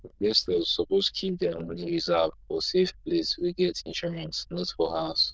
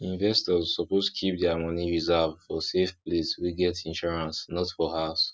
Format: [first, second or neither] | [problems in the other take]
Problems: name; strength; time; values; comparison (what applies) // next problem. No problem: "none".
second | noise reduction (neural diffusion model UNIVERSE++)